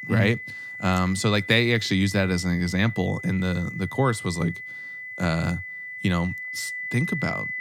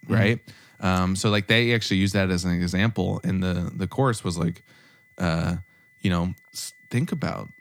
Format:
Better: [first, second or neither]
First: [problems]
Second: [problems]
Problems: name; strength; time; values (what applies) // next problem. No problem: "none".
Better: second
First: high-pitched whine; loud; throughout; 2 kHz, 9 dB below the speech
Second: high-pitched whine; faint; throughout; 2 kHz, 30 dB below the speech